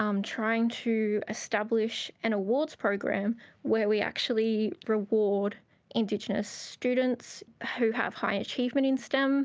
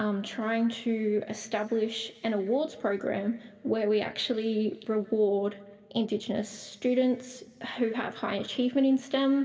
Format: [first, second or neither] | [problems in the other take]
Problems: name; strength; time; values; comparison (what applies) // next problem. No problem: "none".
first | room echo; dies away in 2.7 s